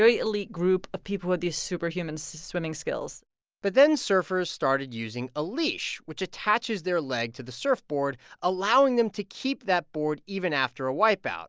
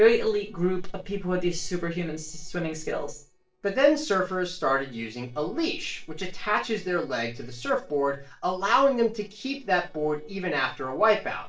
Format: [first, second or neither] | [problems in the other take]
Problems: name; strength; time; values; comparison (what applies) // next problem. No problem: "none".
first | noise reduction (neural separator model SepFormer DNS4)